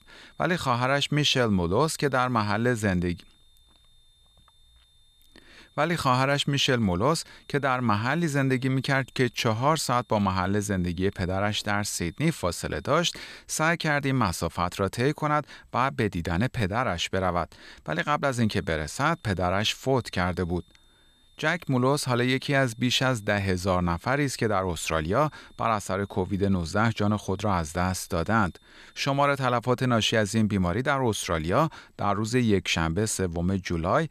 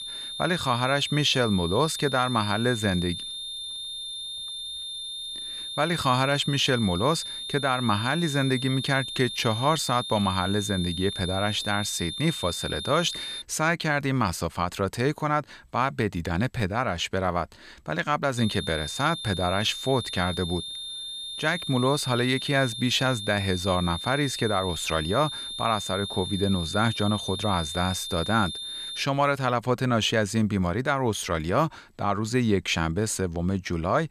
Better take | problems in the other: first | high-pitched whine; loud; until 13 s and from 18 to 29 s; 3.5 kHz, 7 dB below the speech; faint in the first

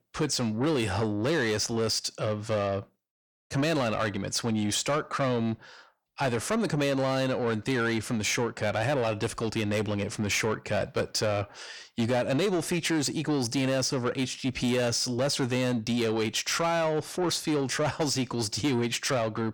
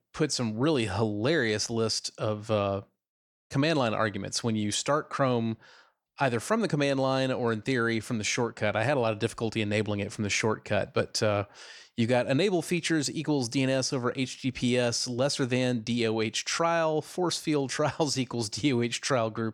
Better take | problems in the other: second | distortion; slight; 10 dB below the speech

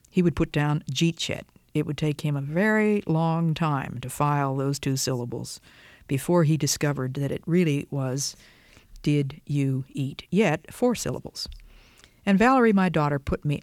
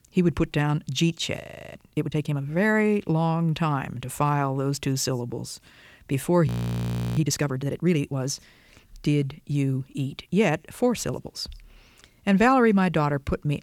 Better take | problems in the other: first | audio freezing; at 1.5 s and at 6.5 s for 0.5 s

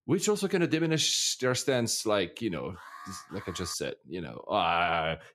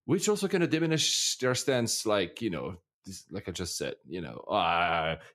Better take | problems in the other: second | alarm; faint; from 2.5 to 3.5 s; peak 15 dB below the speech

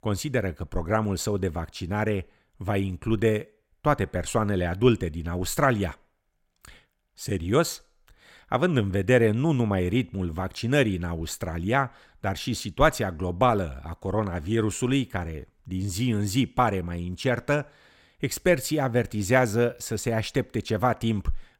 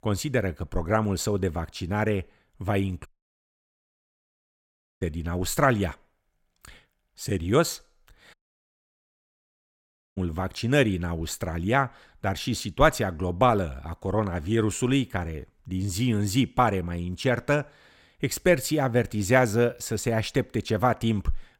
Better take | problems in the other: first | audio cutting out; at 3 s for 2 s and at 8.5 s for 2 s

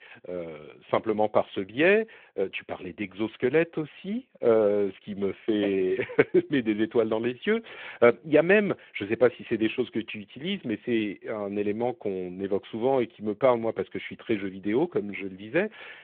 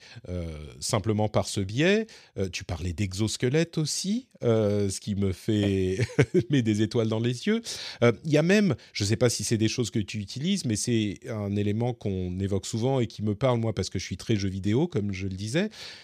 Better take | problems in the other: second | phone-call audio

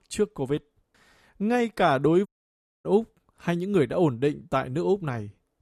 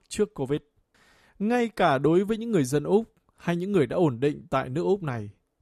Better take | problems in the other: second | audio cutting out; at 2.5 s for 0.5 s

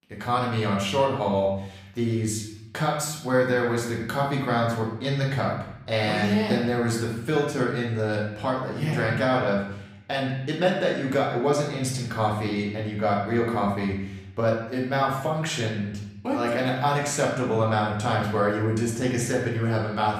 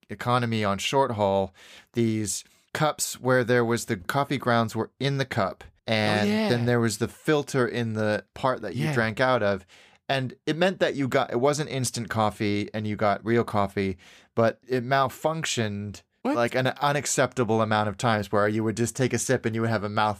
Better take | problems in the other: second | room echo; noticeable; dies away in 0.8 s // off-mic speech; far

